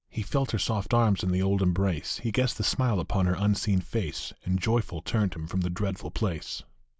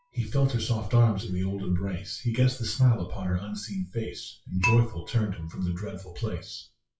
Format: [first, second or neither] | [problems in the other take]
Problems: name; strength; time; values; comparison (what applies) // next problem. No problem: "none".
first | noise reduction (classical method WPE with log-MMSE)